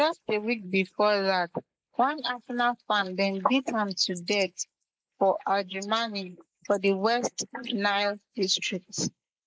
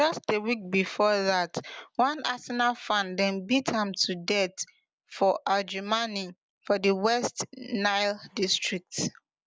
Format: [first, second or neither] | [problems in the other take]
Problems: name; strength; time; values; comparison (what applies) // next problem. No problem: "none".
second | noise reduction (neural mask model Resemble Enhance denoiser)